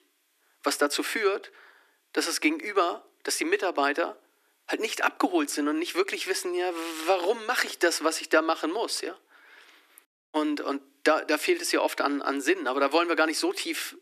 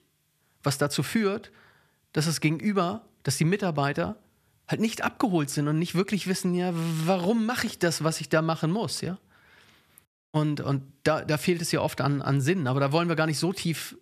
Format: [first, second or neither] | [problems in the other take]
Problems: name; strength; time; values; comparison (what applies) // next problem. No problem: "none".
second | thin; somewhat; fading below 300 Hz